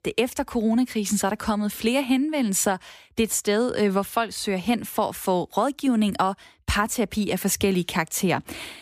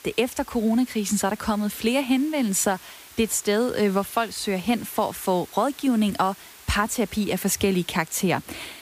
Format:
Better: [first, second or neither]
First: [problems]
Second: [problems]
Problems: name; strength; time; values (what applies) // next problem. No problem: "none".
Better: first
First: none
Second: hiss; faint; throughout; 20 dB below the speech